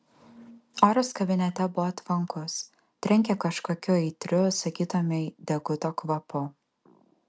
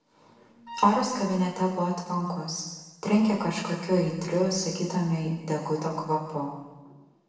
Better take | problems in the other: first | background sound (Wind instrument, woodwind instrument); 15 dB below the speech // room echo; dies away in 1.2 s

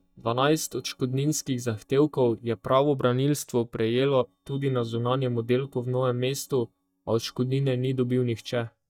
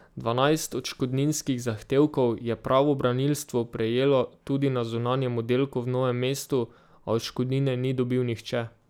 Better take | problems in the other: second | noise reduction (neural mask model DeepFilterNet 3)

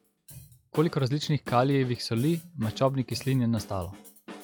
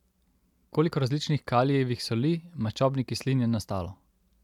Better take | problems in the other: second | noise reduction (classical method log-MMSE)

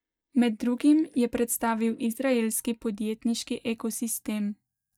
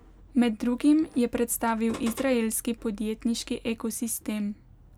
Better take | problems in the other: second | noise reduction (neural mask model DeepFilterNet 3)

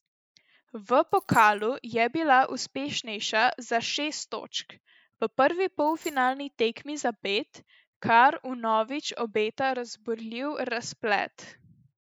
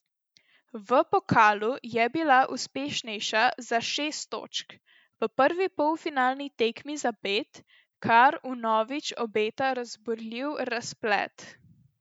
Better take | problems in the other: second | noise reduction (neural mask model Resemble Enhance denoiser)

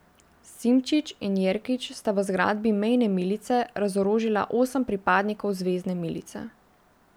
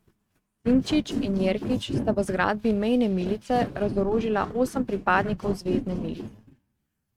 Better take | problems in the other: first | noise reduction (neural mask model RNNoise)

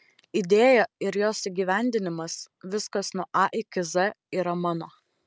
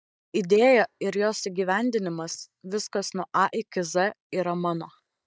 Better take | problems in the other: first | noise reduction (neural mask model DeepFilterNet 3)

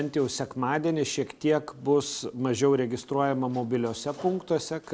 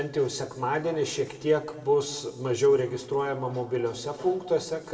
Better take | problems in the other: first | room echo; dies away in 1 s

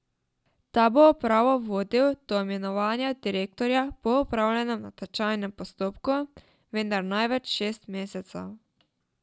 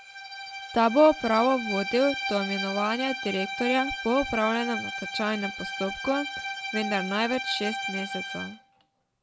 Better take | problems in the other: first | background sound (Bowed string instrument); 7 dB below the speech

